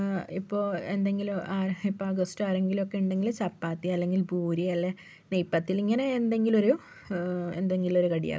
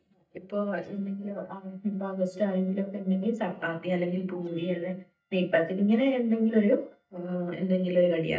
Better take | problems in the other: first | noise reduction (neural mask model DeepFilterNet 3)

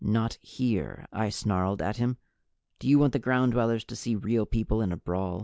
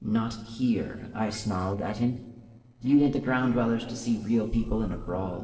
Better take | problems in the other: first | noise reduction (neural separator model SepFormer DNS4)

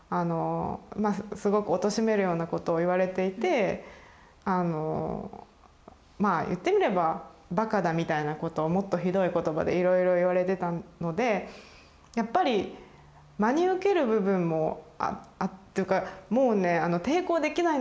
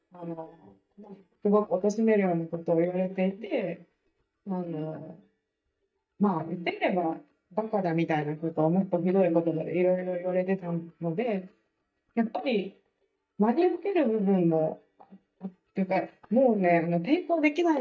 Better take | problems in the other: first | noise reduction (neural mask model DeepFilterNet 3)

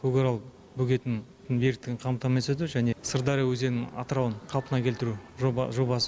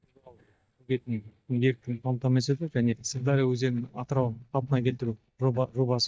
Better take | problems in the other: first | noise reduction (neural mask model DeepFilterNet 3)

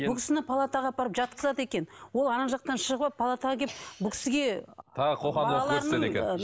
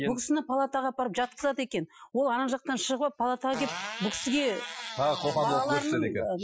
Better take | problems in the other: first | noise reduction (classical method Wiener filter)

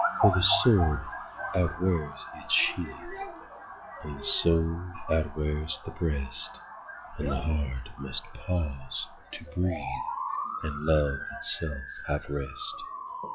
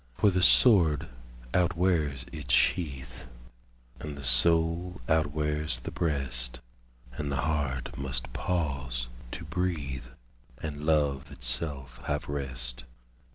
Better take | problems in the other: second | noise reduction (classical method log-MMSE)

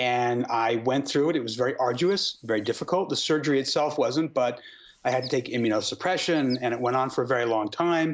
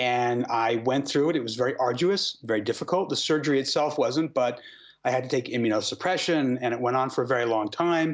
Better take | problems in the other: second | noise reduction (neural mask model Resemble Enhance denoiser)

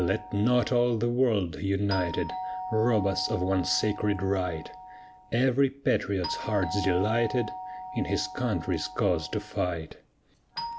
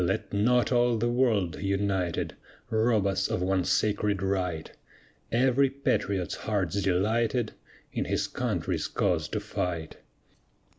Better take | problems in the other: second | background sound (Doorbell); 11 dB below the speech

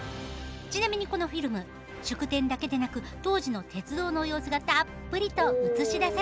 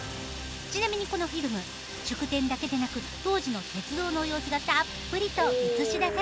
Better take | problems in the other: first | background sound (Fire); 11 dB below the speech

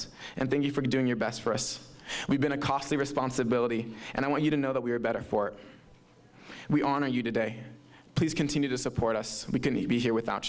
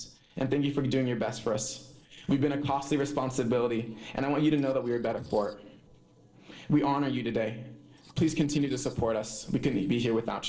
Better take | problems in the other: first | noise reduction (neural separator model SepFormer DNS4)

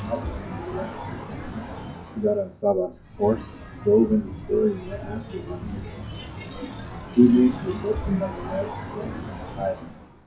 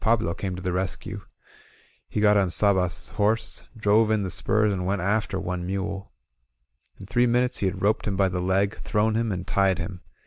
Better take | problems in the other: second | noise reduction (classical method WPE with log-MMSE)

